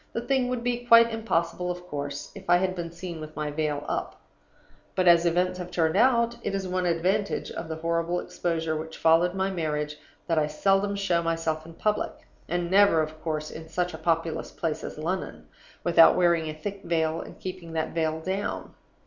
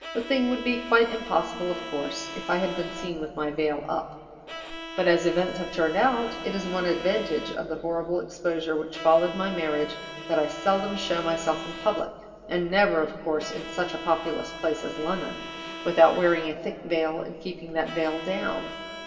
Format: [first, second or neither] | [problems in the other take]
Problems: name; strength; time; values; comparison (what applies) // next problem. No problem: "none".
first | background sound (Bowed string instrument); 12 dB below the speech // room echo; dies away in 2.5 s